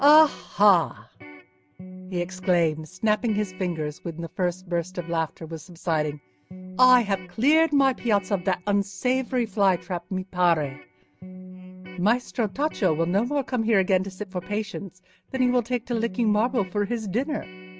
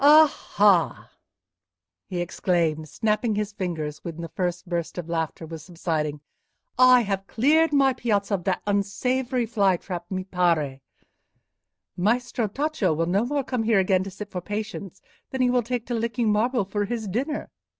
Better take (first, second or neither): second